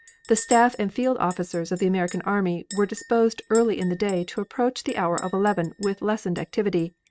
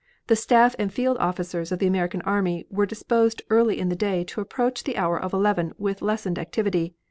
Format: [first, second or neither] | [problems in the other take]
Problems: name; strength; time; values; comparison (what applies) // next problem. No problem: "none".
second | noise reduction (neural mask model RNNoise)